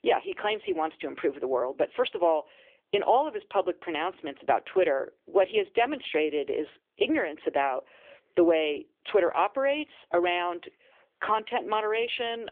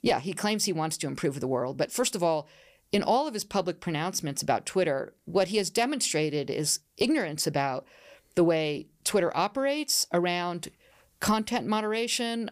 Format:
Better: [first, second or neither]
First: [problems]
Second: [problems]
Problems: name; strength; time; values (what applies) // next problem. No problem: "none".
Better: second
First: phone-call audio; nothing above 3.5 kHz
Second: none